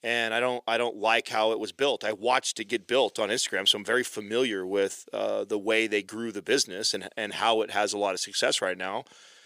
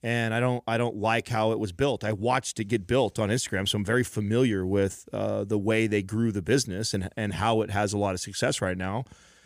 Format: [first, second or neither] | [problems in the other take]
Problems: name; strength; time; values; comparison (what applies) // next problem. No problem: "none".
second | thin; somewhat; fading below 450 Hz